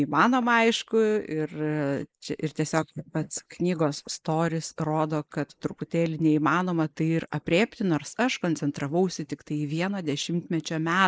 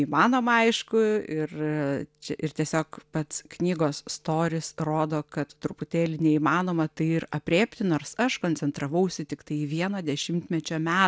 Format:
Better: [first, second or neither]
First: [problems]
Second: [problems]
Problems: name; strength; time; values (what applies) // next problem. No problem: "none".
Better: second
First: noise reduction (neural mask model Resemble Enhance denoiser)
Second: none